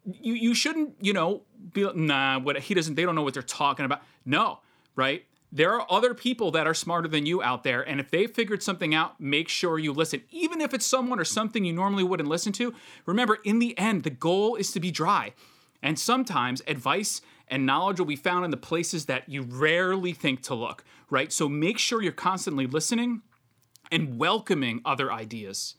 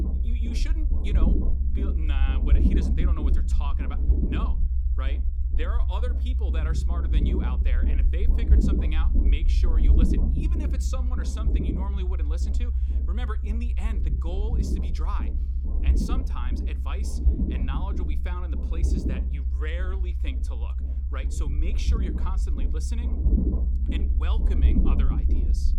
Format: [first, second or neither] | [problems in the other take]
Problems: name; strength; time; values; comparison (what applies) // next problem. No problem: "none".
first | low rumble; loud; throughout; as loud as the speech